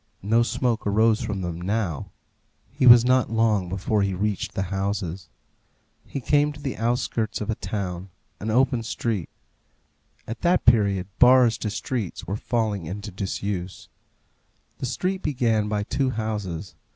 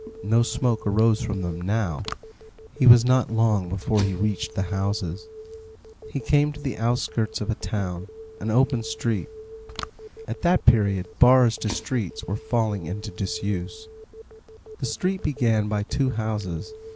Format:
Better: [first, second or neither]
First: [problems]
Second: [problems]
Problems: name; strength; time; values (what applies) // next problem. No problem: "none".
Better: first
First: none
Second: background sound (Telephone + Fire); 17 dB below the speech